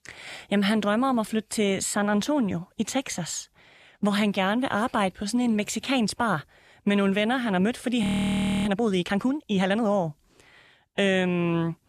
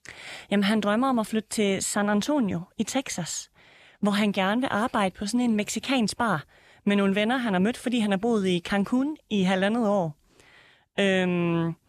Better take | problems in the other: second | audio freezing; at 8 s for 0.5 s

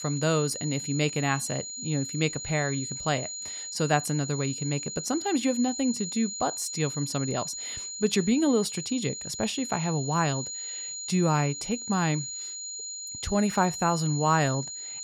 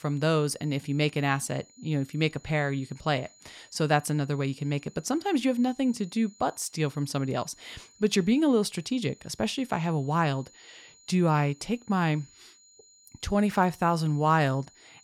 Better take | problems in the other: second | high-pitched whine; loud; throughout; 7 kHz, 6 dB below the speech; faint in the second

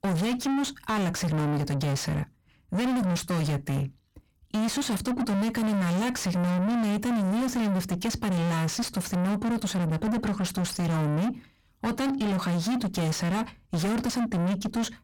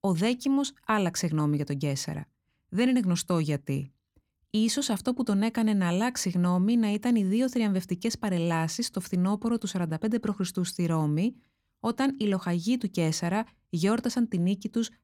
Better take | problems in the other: second | distortion; heavy; 6 dB below the speech

